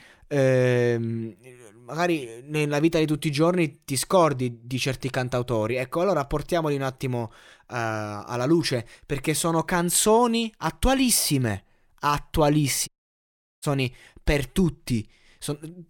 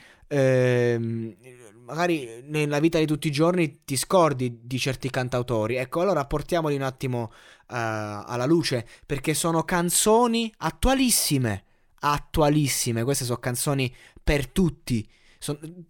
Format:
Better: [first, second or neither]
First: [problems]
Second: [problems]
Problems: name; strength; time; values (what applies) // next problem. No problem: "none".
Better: second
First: audio cutting out; at 13 s for 0.5 s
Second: none